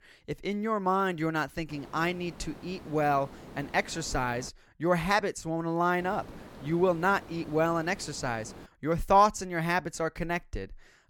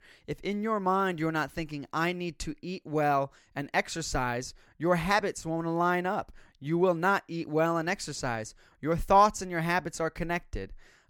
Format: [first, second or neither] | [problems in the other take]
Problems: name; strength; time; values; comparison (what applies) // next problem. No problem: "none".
second | hiss; noticeable; from 1.5 to 4.5 s and from 6 to 8.5 s; 20 dB below the speech